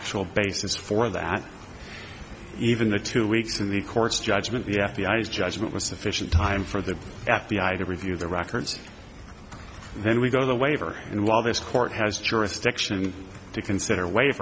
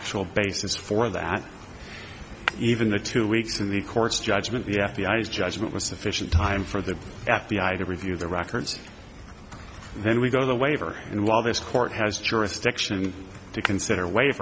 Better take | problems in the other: first | background sound (Shatter); 8 dB below the speech

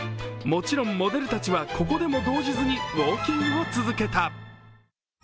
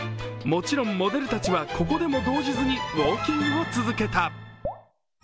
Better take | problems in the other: first | background sound (Drip); 15 dB below the speech

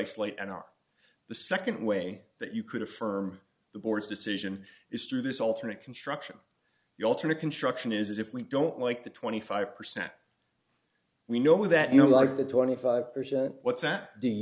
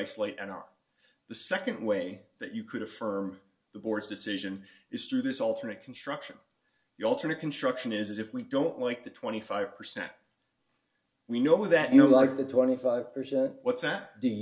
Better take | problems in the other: first | room echo; dies away in 0.2 s

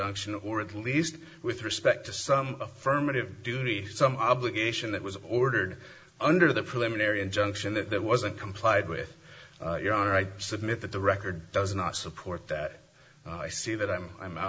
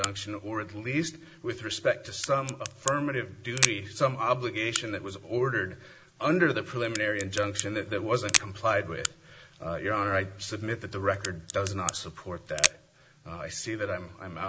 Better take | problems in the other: first | background sound (Crack); 5 dB below the speech

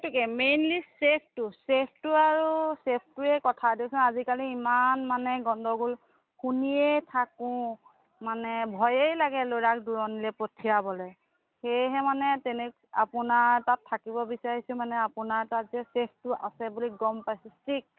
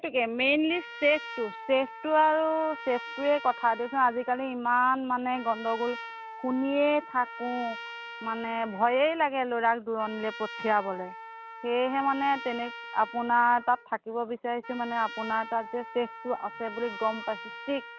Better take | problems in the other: first | background sound (Trumpet); 14 dB below the speech

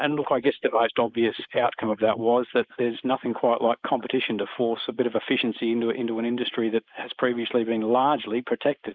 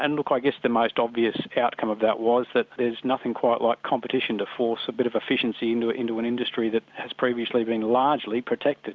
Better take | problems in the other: second | noise reduction (neural mask model Resemble Enhance denoiser)

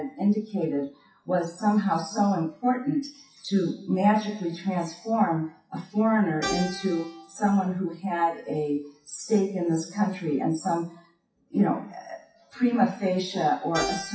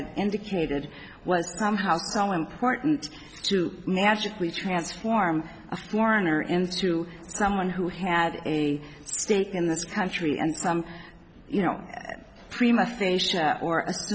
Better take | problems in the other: second | noise reduction (classical method WPE with log-MMSE)

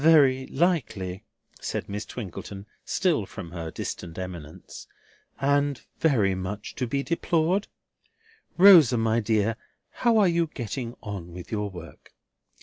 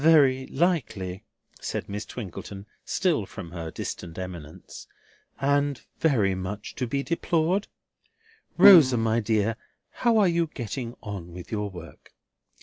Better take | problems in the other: first | background sound (Keyboard (musical)); 1 dB below the speech

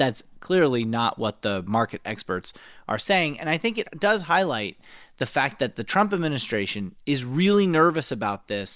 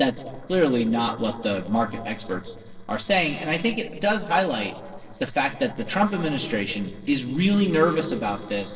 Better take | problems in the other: first | noise reduction (neural separator model SepFormer DNS4)

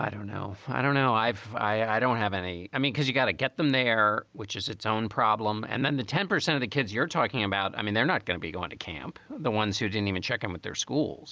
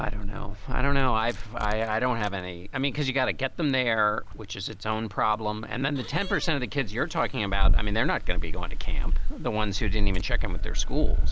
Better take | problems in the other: first | background sound (Keys jangling); 5 dB above the speech

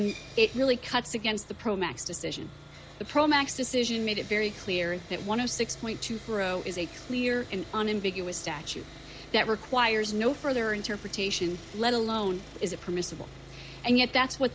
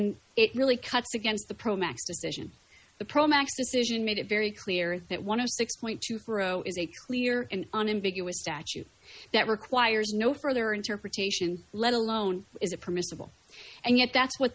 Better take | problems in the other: second | background sound (Sawing); 16 dB below the speech

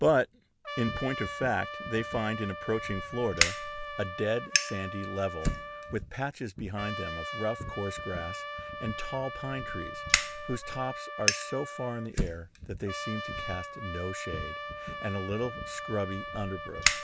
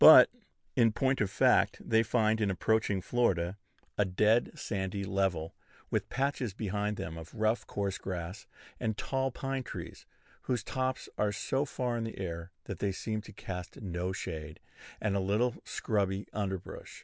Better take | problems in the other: second | background sound (Fire + Trumpet); 1 dB below the speech

